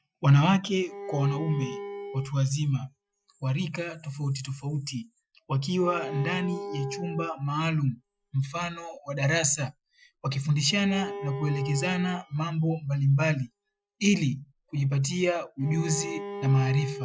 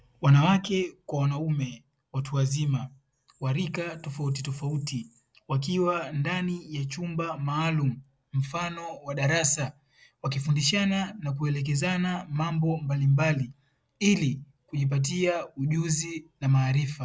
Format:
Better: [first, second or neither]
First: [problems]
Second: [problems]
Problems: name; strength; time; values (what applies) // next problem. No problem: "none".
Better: second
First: noise reduction (classical method Wiener filter)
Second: none